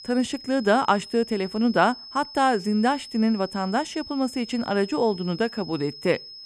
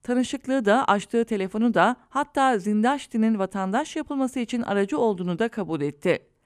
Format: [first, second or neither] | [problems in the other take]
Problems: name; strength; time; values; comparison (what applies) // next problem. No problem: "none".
second | high-pitched whine; noticeable; throughout; 5 kHz, 15 dB below the speech